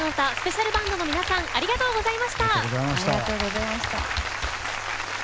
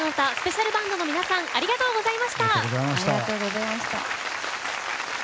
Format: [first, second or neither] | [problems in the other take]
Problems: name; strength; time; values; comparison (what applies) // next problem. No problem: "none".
second | background sound (Computer keyboard); 9 dB below the speech